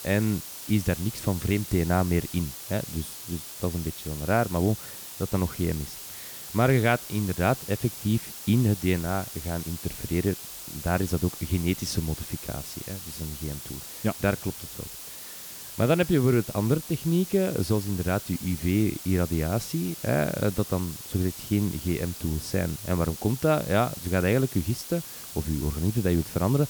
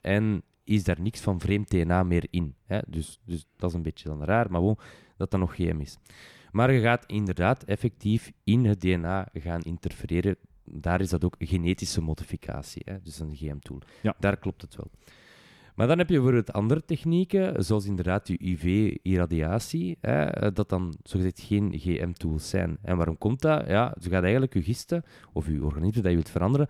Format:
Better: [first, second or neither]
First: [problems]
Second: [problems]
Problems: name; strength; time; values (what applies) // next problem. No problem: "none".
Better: second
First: hiss; loud; throughout; 10 dB below the speech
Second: none